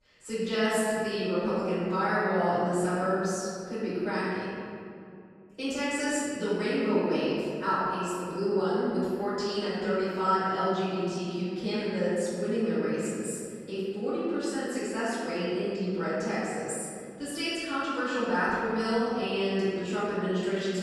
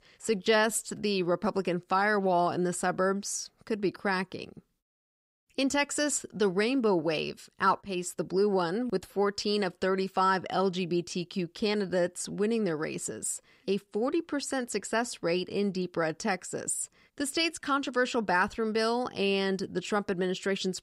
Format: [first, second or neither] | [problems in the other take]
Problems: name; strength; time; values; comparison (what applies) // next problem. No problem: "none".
second | room echo; strong; dies away in 2.2 s // off-mic speech; far